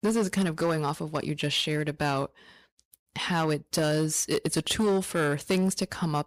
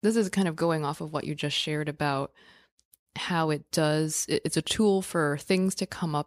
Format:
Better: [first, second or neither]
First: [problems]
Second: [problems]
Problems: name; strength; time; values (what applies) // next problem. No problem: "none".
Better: second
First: distortion; slight; 8% of the sound clipped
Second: none